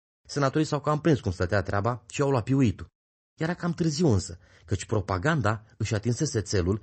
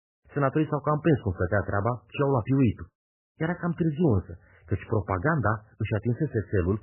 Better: first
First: garbled, watery; slightly; nothing above 8 kHz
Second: garbled, watery; badly; nothing above 3 kHz

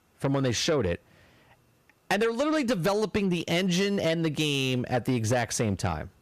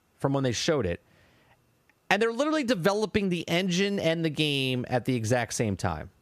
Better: second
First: distortion; slight; 10 dB below the speech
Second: none

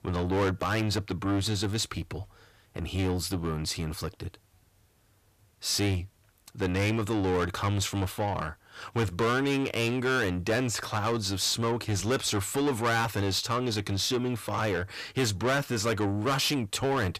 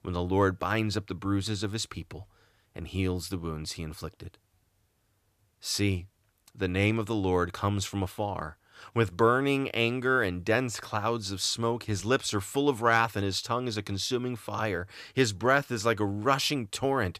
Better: second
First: distortion; heavy; 7 dB below the speech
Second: none

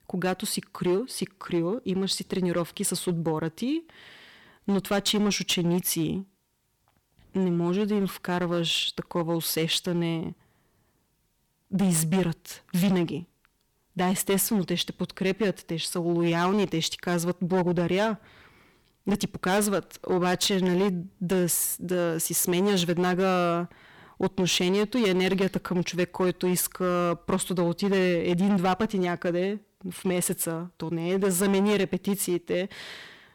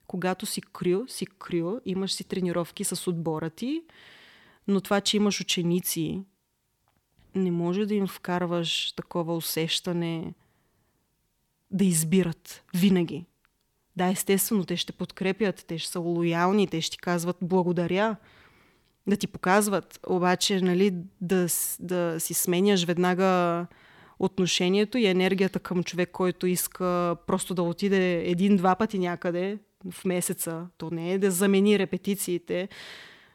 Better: second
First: distortion; slight; 9% of the sound clipped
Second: none

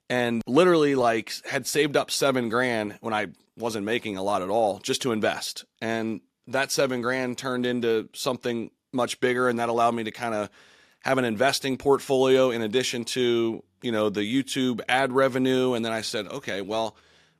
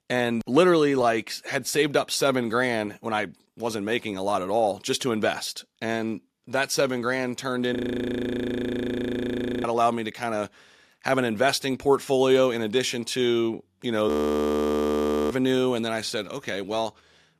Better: first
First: none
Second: audio freezing; at 8 s for 2 s and at 14 s for 1 s

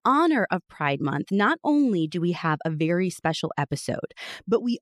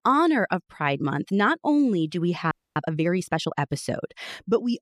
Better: first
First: none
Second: audio freezing; at 2.5 s

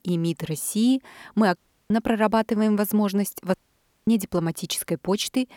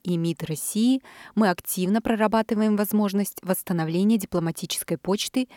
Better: second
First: audio cutting out; at 1.5 s and at 3.5 s for 0.5 s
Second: none

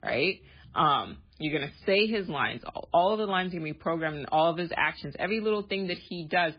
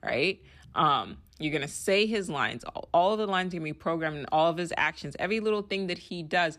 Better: second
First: garbled, watery; badly; nothing above 4.5 kHz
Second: none

